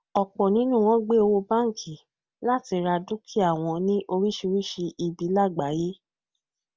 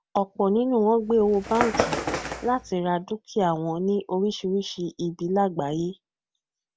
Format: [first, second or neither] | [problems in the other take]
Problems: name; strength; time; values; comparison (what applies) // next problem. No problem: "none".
first | background sound (Bird); 5 dB below the speech